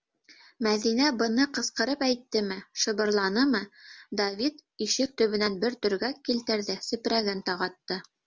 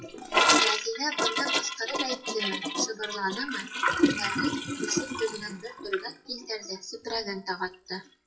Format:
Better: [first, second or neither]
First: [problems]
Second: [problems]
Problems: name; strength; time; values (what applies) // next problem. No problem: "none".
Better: first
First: none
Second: noise reduction (classical method WPE with log-MMSE)